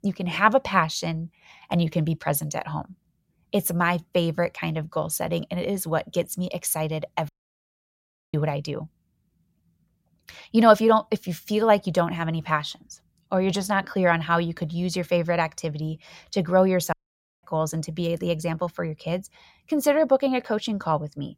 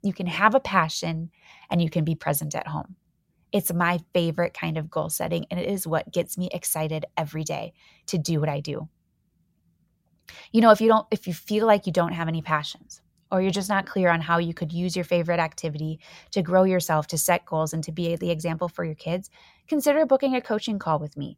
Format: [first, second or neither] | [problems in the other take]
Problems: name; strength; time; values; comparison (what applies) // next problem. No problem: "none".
second | audio cutting out; at 7.5 s for 1 s and at 17 s for 0.5 s